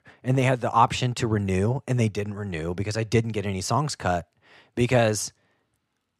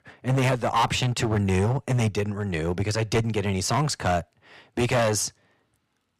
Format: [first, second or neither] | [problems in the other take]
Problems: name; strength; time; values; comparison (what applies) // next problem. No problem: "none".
first | distortion; heavy; 9% of the sound clipped